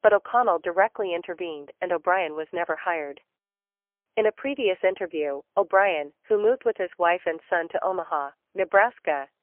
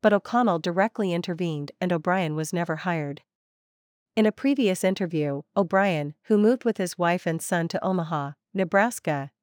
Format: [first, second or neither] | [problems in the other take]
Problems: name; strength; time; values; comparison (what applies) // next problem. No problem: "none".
second | phone-call audio; poor line; nothing above 3 kHz